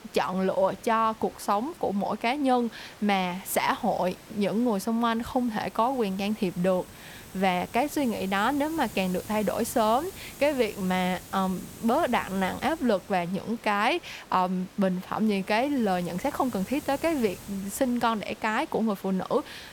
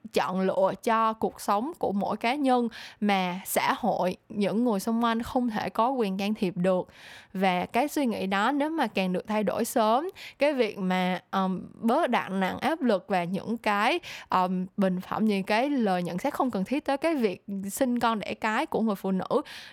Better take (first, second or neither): second